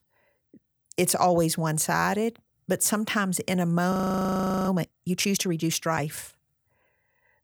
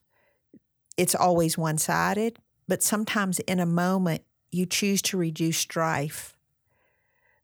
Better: second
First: audio freezing; at 4 s for 1 s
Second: none

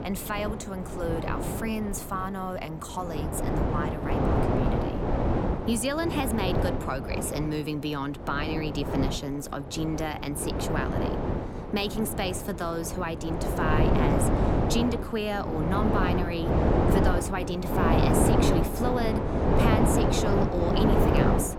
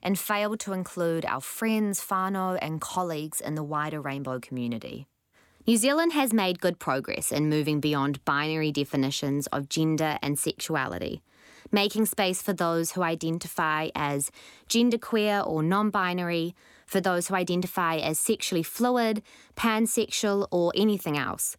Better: second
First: wind noise on the microphone; heavy; 2 dB above the speech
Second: none

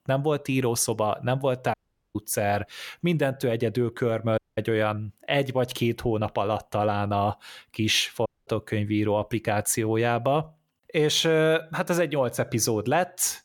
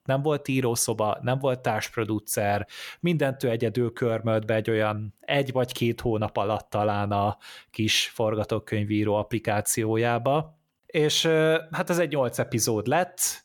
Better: second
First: audio cutting out; at 1.5 s, at 4.5 s and at 8.5 s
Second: none

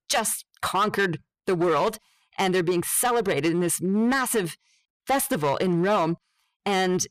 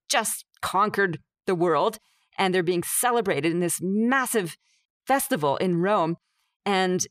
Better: second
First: distortion; slight; 9% of the sound clipped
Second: none

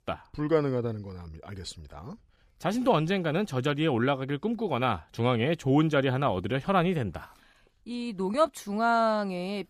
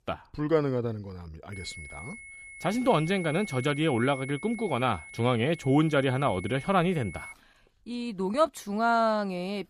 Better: first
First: none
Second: high-pitched whine; noticeable; from 1.5 to 7.5 s; 2 kHz, 15 dB below the speech

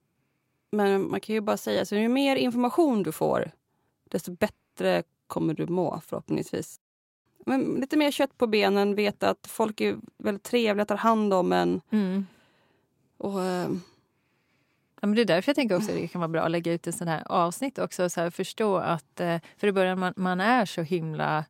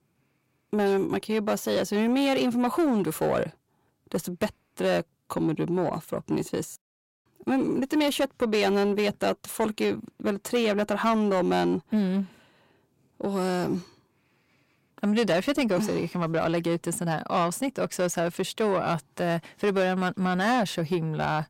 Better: first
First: none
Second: distortion; slight; 10 dB below the speech

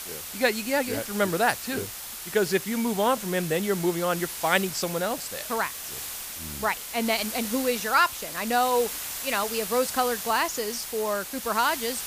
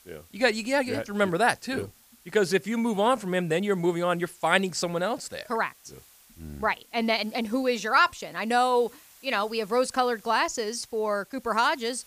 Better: second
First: hiss; loud; throughout; 7 dB below the speech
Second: hiss; faint; throughout; 25 dB below the speech

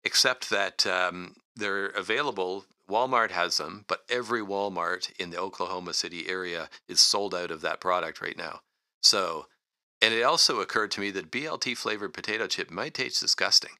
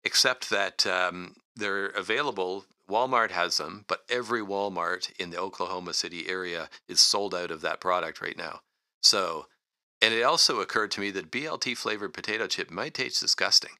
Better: neither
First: thin; very; fading below 550 Hz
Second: thin; very; fading below 550 Hz

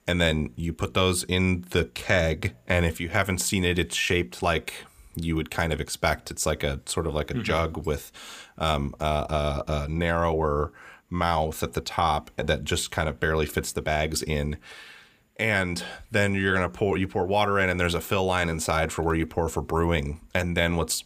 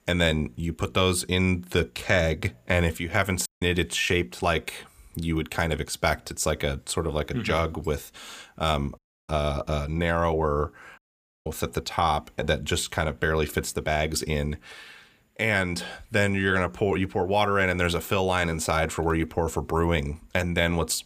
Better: first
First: none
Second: audio cutting out; at 3.5 s, at 9 s and at 11 s

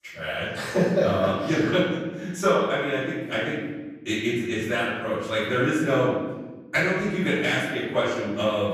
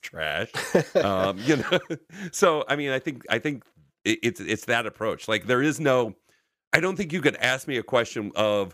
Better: second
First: room echo; strong; dies away in 1.2 s // off-mic speech; far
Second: none

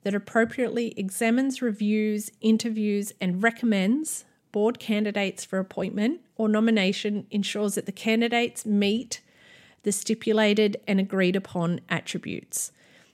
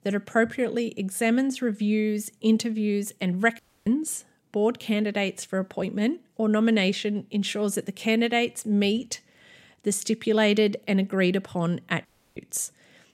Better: first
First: none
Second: audio cutting out; at 3.5 s and at 12 s

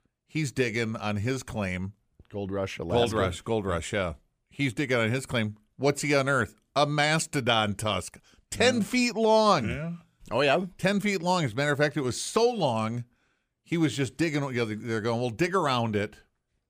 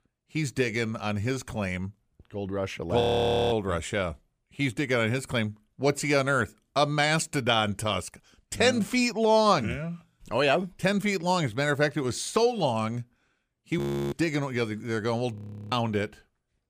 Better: first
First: none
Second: audio freezing; at 3 s for 0.5 s, at 14 s and at 15 s

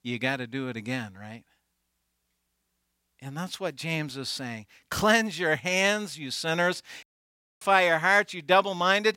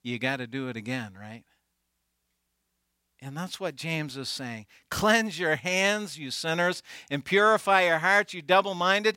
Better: second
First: audio cutting out; at 7 s for 0.5 s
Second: none

